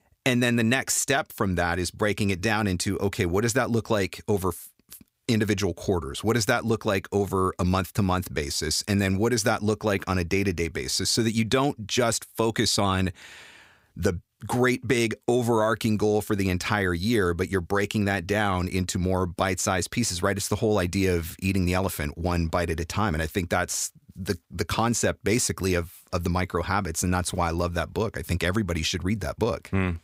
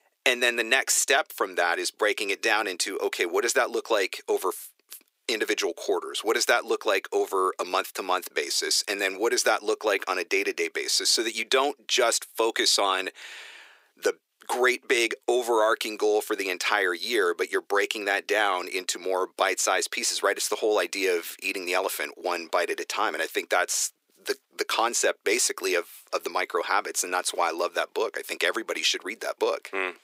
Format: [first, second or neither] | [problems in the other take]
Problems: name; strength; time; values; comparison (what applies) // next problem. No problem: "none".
first | thin; very; fading below 350 Hz